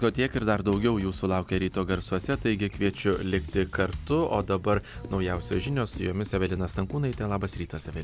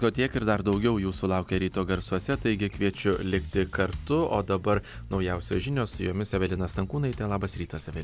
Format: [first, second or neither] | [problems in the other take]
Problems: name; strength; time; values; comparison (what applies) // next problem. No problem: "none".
second | background sound (Printer + Run); 19 dB below the speech